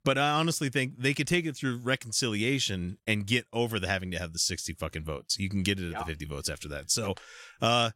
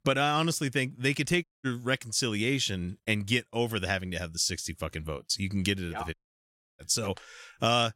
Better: first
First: none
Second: audio cutting out; at 1.5 s and at 6 s for 0.5 s

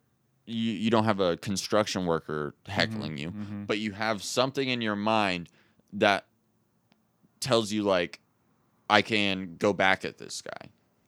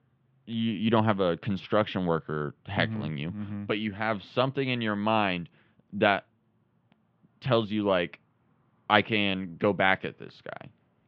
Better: first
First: none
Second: muffled; very; fading above 3.5 kHz

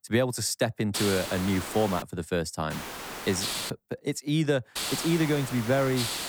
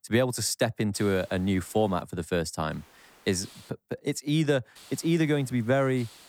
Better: second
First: hiss; loud; from 1 to 2 s, from 2.5 to 3.5 s and from 5 s on; 5 dB below the speech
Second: hiss; faint; from 1 to 2 s, from 2.5 to 3.5 s and from 5 s on; 25 dB below the speech

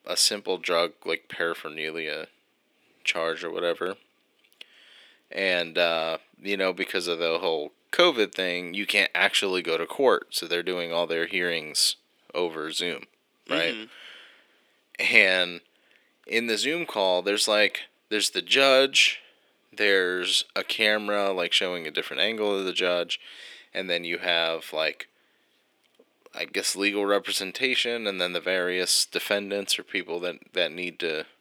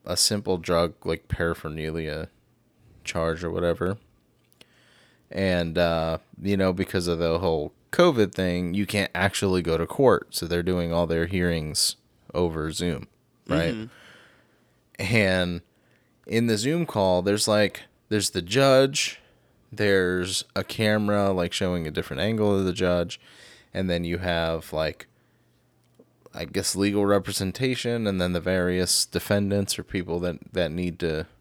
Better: second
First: thin; somewhat; fading below 300 Hz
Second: none

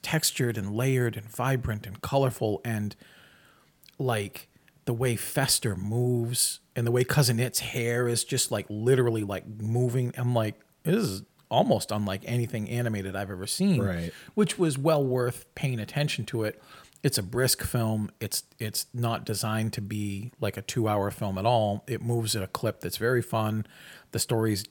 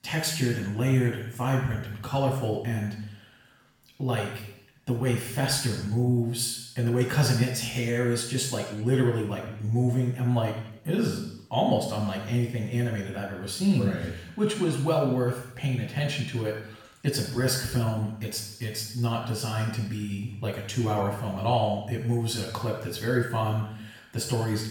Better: first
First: none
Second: room echo; noticeable; dies away in 0.8 s // off-mic speech; far

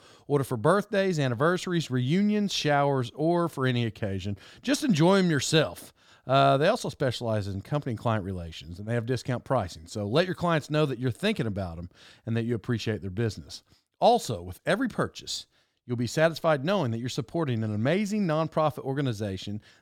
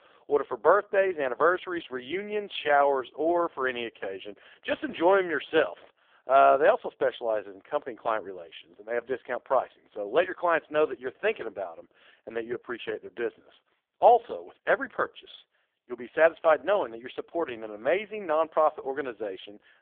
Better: first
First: none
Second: phone-call audio; poor line; nothing above 3.5 kHz

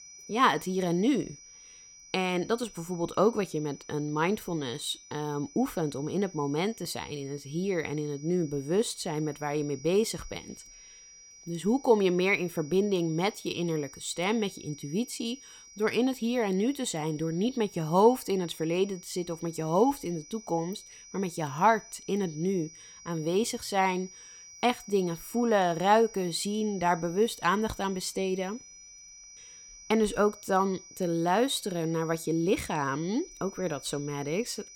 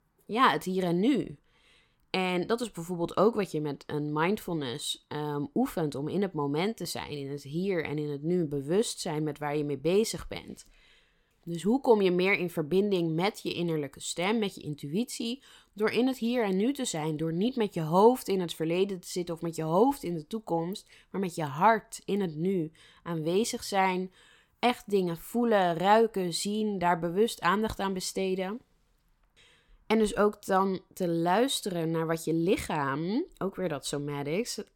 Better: second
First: high-pitched whine; noticeable; throughout; 6 kHz, 20 dB below the speech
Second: none

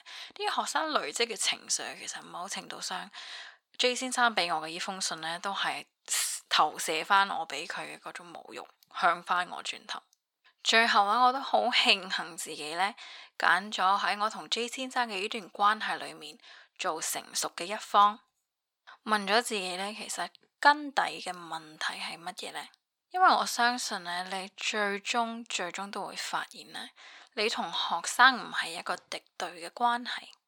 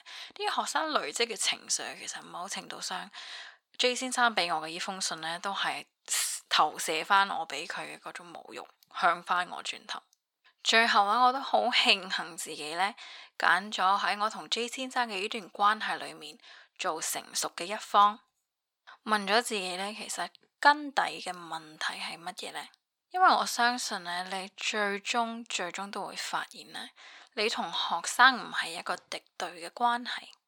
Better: neither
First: thin; very; fading below 800 Hz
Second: thin; very; fading below 800 Hz

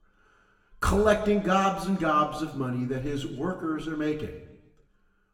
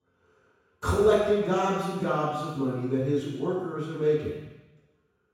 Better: first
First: room echo; slight; dies away in 1 s // off-mic speech; somewhat distant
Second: room echo; strong; dies away in 1.1 s // off-mic speech; far

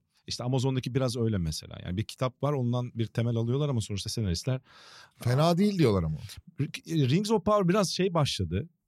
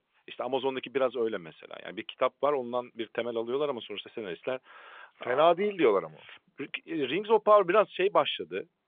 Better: first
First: none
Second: phone-call audio; nothing above 3.5 kHz

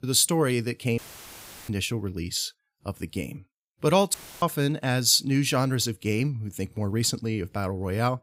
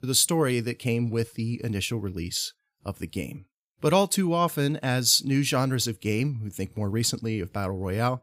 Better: second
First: audio cutting out; filled with static; at 1 s for 0.5 s and at 4 s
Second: none

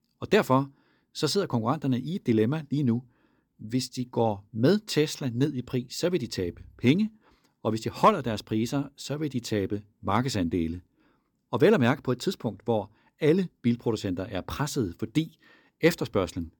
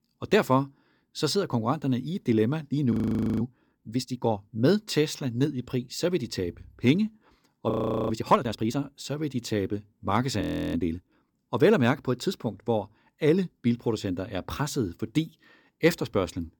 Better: first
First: none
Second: audio freezing; at 3 s, at 7.5 s and at 10 s

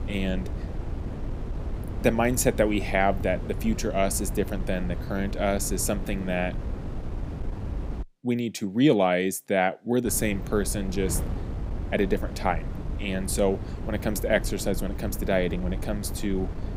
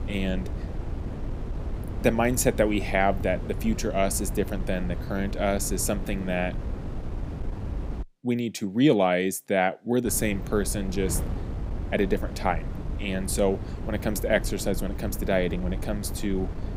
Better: neither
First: wind noise on the microphone; occasional gusts; until 8 s and from 10 s on; 15 dB below the speech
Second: wind noise on the microphone; occasional gusts; until 8 s and from 10 s on; 15 dB below the speech

